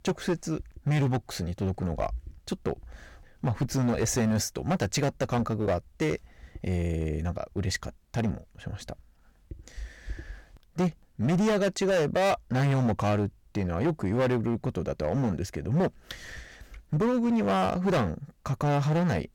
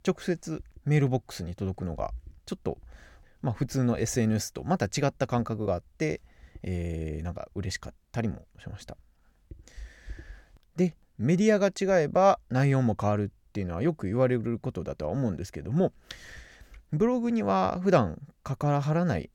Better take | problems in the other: second | distortion; heavy; 11% of the sound clipped

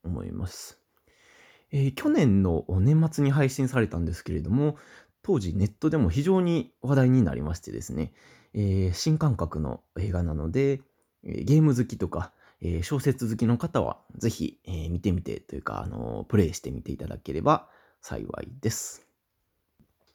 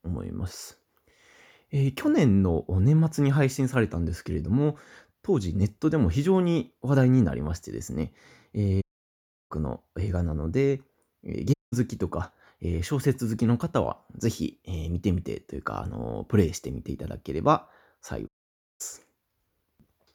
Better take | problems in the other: first | audio cutting out; at 9 s for 0.5 s, at 12 s and at 18 s for 0.5 s

